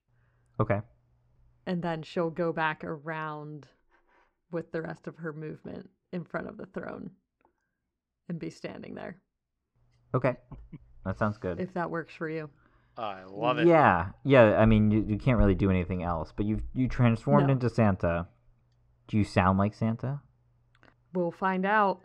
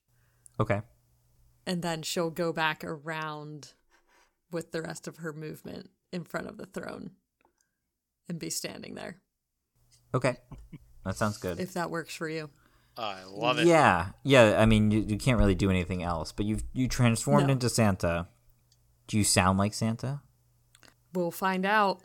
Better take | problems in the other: second | muffled; very; fading above 2 kHz

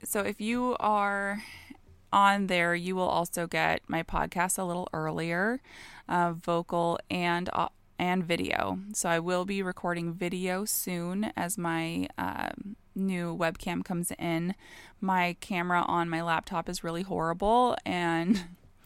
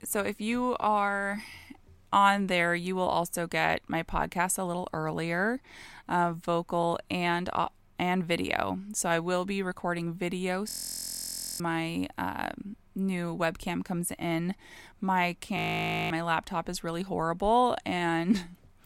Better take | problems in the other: first | audio freezing; at 11 s for 1 s and at 16 s for 0.5 s

